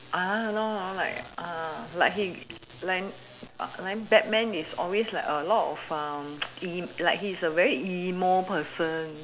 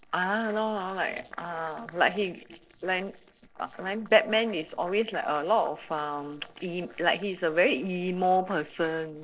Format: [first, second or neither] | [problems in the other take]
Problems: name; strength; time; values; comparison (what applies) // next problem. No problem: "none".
first | noise reduction (neural separator model SepFormer DNS4)